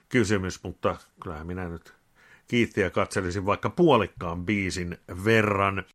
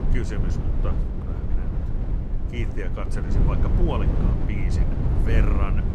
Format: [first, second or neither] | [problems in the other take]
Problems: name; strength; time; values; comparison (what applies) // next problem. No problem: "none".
first | low rumble; loud; throughout; 1 dB below the speech